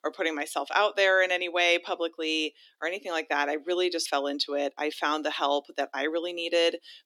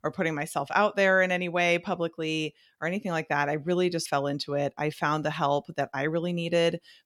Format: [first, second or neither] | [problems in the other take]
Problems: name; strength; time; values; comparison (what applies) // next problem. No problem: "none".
second | thin; somewhat; fading below 300 Hz